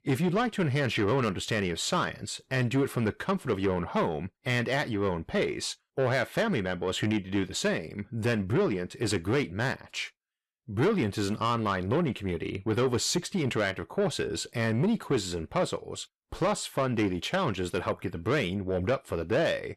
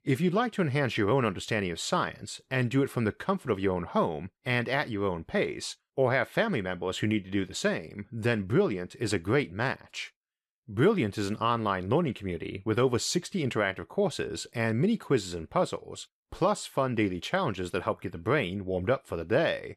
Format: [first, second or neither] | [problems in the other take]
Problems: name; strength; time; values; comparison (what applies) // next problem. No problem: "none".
second | distortion; slight; 10 dB below the speech